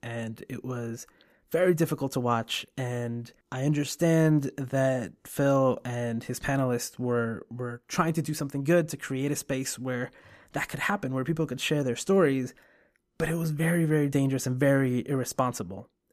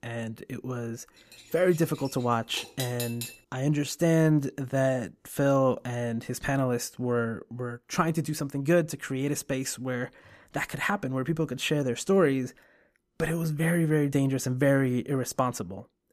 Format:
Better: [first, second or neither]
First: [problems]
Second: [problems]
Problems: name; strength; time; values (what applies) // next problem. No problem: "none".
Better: first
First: none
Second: clattering dishes; noticeable; from 1.5 to 3.5 s; peak 7 dB below the speech